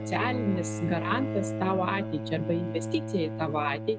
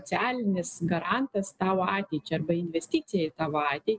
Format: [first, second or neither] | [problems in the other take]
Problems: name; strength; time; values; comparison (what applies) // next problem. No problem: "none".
second | background sound (Bowed string instrument); 3 dB below the speech